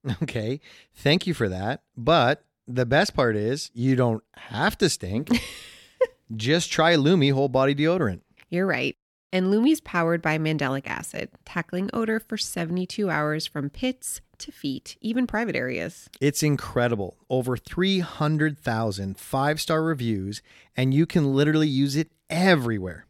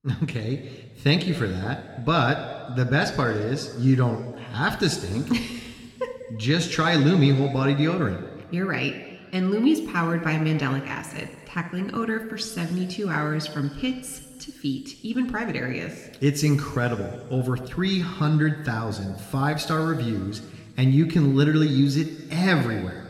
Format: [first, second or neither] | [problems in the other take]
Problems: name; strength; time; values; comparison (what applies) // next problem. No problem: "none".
first | room echo; slight; dies away in 2 s